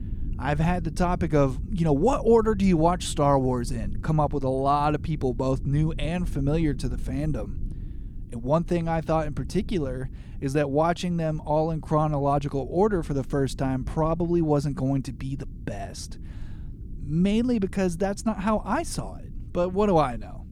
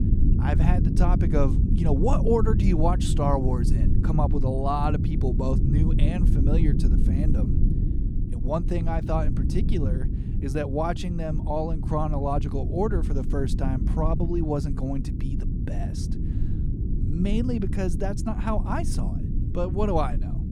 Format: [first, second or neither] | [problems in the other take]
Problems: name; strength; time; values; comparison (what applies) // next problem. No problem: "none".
first | low rumble; loud; throughout; 8 dB below the speech; faint in the first